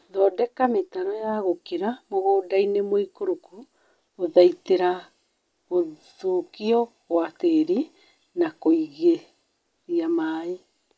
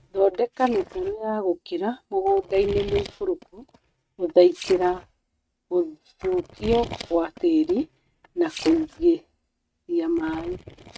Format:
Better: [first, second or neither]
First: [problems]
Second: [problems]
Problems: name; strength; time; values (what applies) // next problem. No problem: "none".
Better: first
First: none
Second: noise reduction (neural mask model RNNoise)